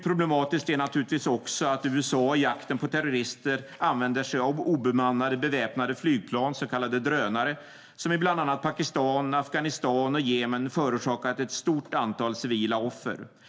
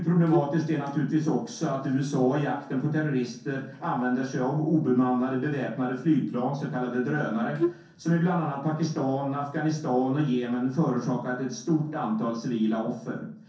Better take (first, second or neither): first